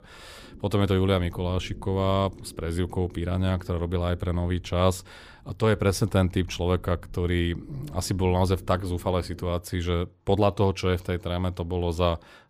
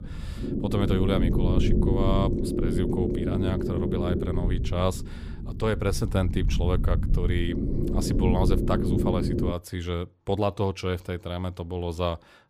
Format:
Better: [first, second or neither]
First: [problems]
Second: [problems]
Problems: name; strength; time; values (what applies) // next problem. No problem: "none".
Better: first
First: low rumble; faint; until 9.5 s; 25 dB below the speech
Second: low rumble; loud; until 9.5 s; 2 dB below the speech